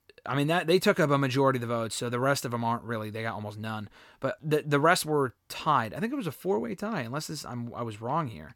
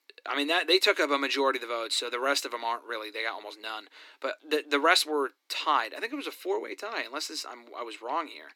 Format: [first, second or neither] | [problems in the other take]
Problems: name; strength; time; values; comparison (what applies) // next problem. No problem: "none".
first | thin; somewhat; fading below 300 Hz